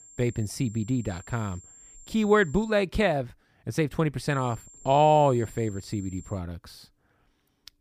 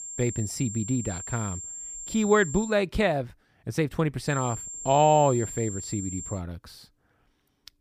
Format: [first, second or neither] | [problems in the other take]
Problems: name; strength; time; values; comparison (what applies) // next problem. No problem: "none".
first | high-pitched whine; loud; until 2.5 s and from 4.5 to 6.5 s; 7.5 kHz, 9 dB below the speech; faint in the first